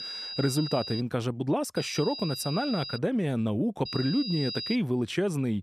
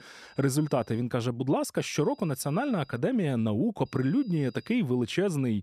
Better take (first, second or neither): second